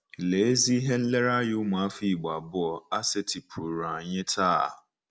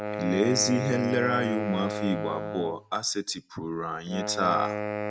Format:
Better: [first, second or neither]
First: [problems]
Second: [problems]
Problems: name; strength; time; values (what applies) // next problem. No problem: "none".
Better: first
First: none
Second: background sound (Wind instrument, woodwind instrument); 5 dB below the speech